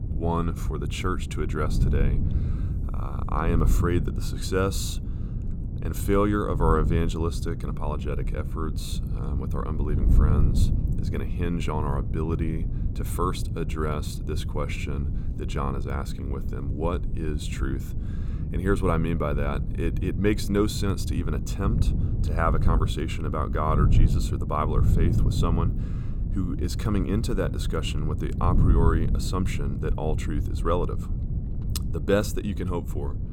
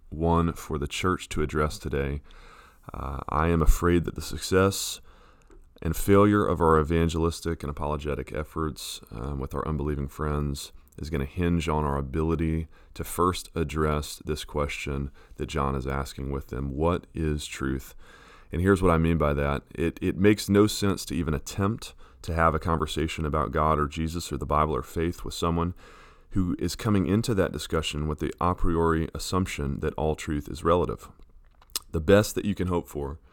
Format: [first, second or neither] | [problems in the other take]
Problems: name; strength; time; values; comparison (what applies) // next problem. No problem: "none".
second | wind noise on the microphone; occasional gusts; 10 dB below the speech